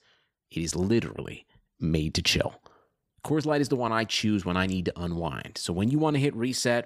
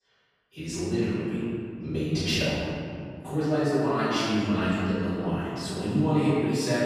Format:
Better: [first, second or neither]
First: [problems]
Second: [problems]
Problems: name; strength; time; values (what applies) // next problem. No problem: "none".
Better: first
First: none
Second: room echo; strong; dies away in 2.2 s // off-mic speech; far